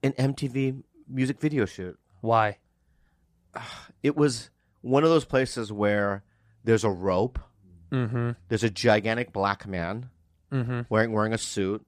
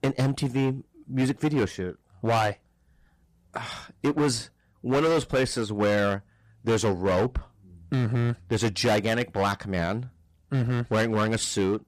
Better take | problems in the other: first | distortion; heavy; 11% of the sound clipped

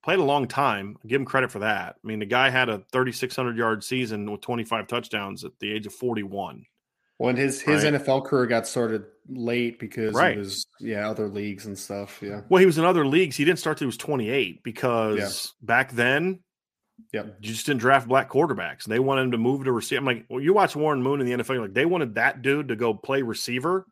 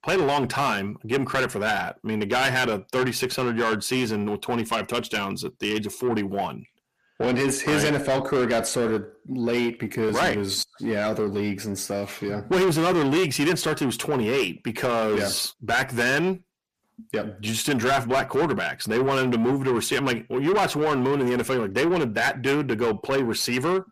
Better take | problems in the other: first | distortion; heavy; 6 dB below the speech

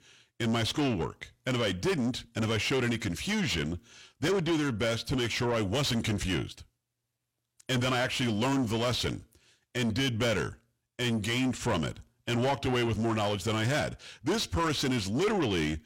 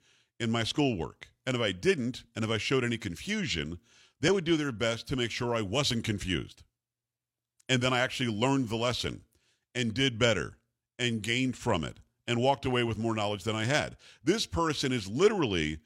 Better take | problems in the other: second | distortion; heavy; 6 dB below the speech

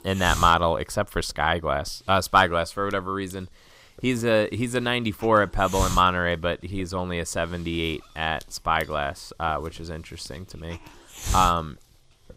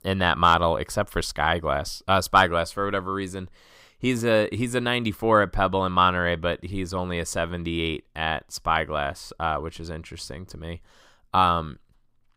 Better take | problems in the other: second | hiss; loud; throughout; 9 dB below the speech

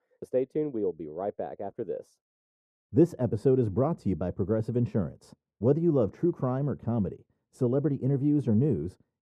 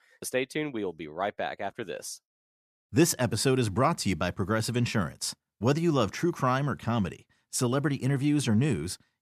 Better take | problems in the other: second | muffled; very; fading above 1 kHz

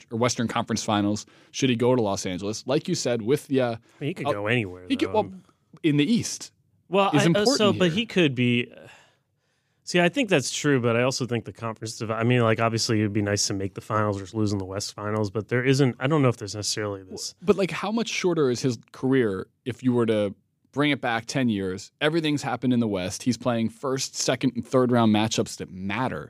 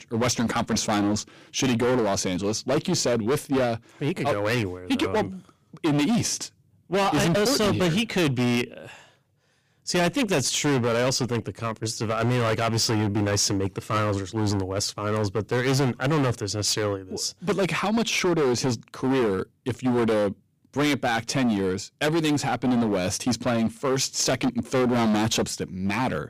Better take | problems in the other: first | distortion; heavy; 19% of the sound clipped

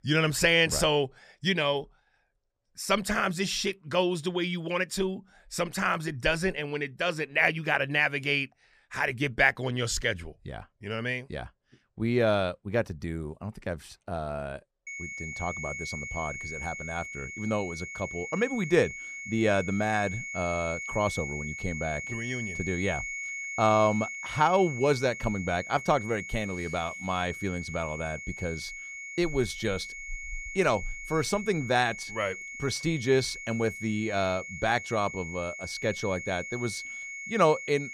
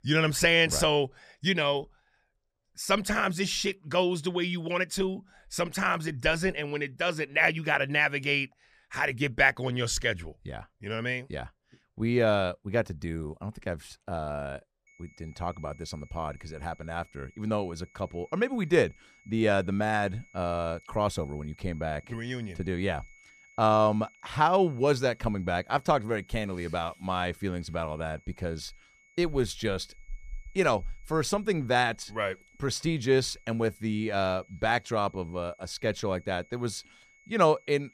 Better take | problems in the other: second | high-pitched whine; loud; from 15 s on; 2 kHz, 8 dB below the speech; faint in the second

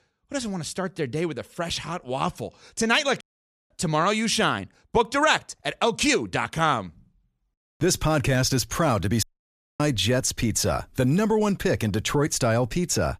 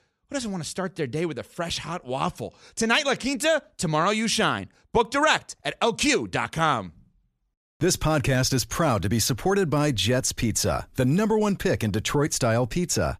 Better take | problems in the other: second | audio cutting out; at 3 s and at 9 s for 0.5 s

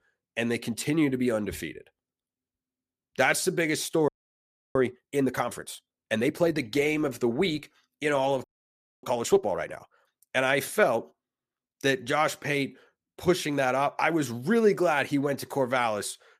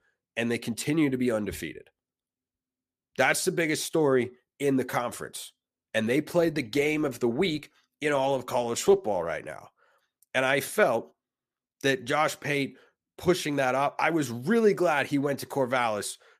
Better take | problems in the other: second | audio freezing; at 4 s for 0.5 s and at 8.5 s for 0.5 s

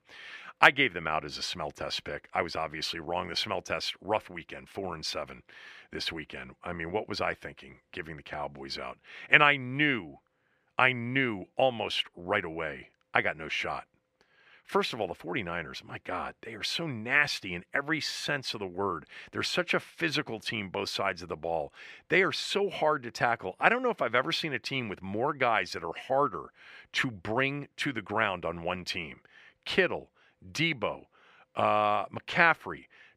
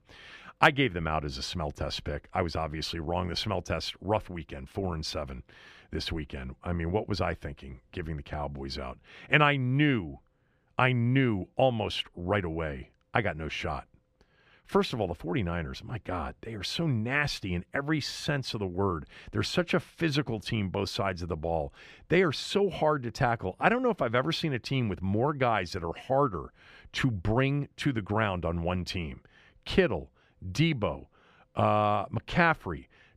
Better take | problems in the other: second | thin; somewhat; fading below 950 Hz

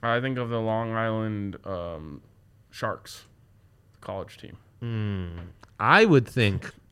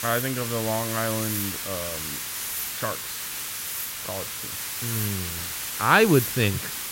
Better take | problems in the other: first | hiss; loud; throughout; 3 dB below the speech

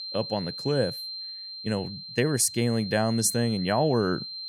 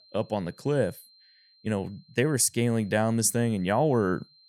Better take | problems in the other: second | high-pitched whine; loud; throughout; 4 kHz, 9 dB below the speech; faint in the second

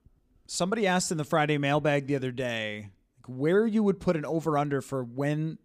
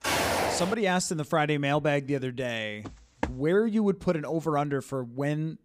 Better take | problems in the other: first | footsteps; loud; at the start; peak 2 dB above the speech // footsteps; noticeable; at 3 s; peak 8 dB below the speech

